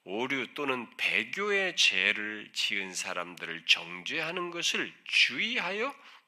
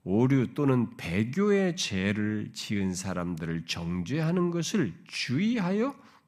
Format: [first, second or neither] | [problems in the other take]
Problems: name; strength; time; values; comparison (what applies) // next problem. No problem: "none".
second | thin; very; fading below 550 Hz